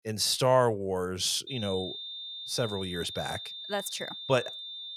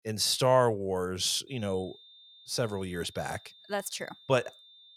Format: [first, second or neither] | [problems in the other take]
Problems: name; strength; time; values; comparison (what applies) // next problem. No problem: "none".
second | high-pitched whine; loud; from 1.5 s on; 3.5 kHz, 8 dB below the speech; faint in the second